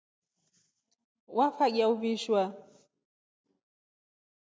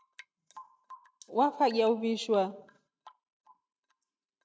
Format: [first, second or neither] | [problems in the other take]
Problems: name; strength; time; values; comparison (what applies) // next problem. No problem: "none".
first | noise reduction (neural mask model RNNoise)